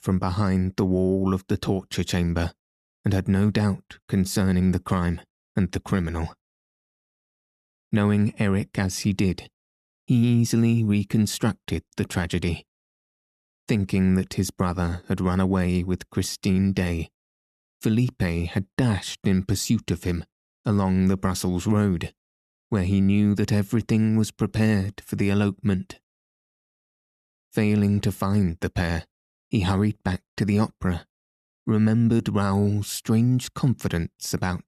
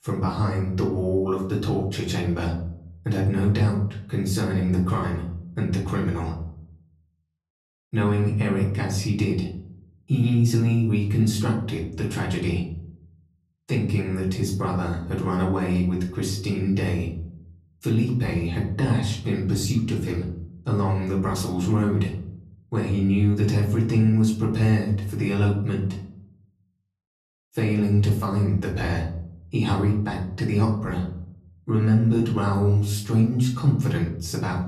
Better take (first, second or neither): first